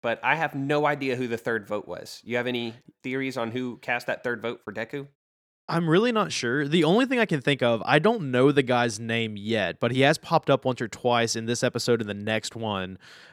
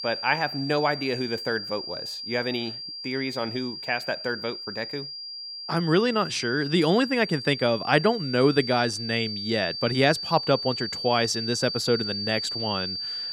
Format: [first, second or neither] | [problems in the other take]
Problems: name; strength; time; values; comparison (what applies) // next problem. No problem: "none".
first | high-pitched whine; loud; throughout; 4.5 kHz, 6 dB below the speech